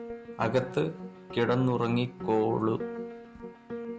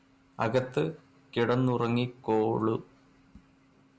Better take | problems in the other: second | background sound (Piano); 9 dB below the speech

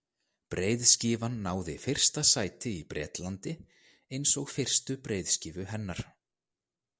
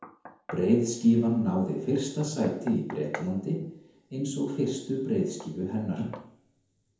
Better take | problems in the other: first | background sound (Knock); 19 dB below the speech // room echo; dies away in 0.9 s

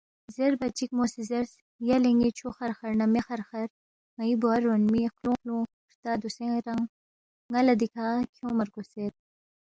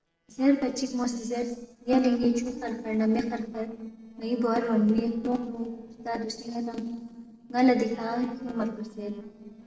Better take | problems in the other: first | noise reduction (neural separator model SepFormer DNS4)

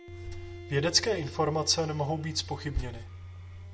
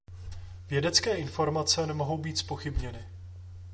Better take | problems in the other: second | background sound (Bowed string instrument); 19 dB below the speech

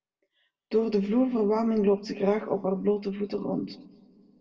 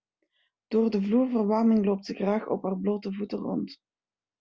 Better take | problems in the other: second | room echo; dies away in 1 s

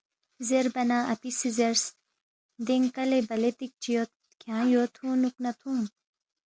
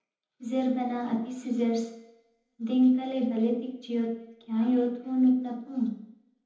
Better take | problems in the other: first | room echo; dies away in 1.1 s

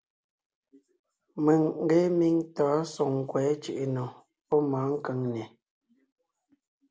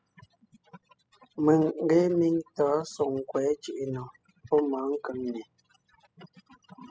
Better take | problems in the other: first | noise reduction (classical method spectral subtraction)

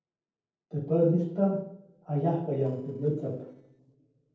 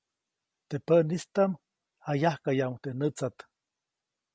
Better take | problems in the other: second | noise reduction (neural separator model SepFormer DNS4)

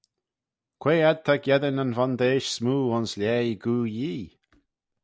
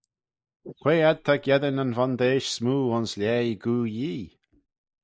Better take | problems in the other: first | noise reduction (neural mask model Resemble Enhance denoiser)

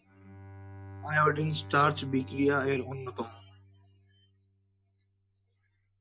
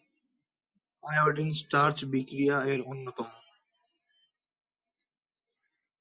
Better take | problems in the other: second | background sound (Bowed string instrument); 15 dB below the speech

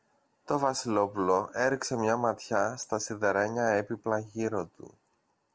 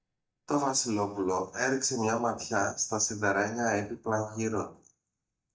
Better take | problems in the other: first | noise reduction (neural mask model DeepFilterNet 3)

